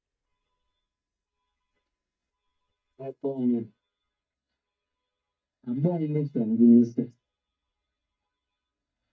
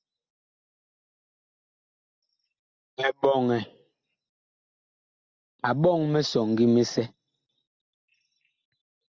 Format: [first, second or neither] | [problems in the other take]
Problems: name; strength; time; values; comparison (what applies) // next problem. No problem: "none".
second | noise reduction (neural mask model DeepFilterNet 3)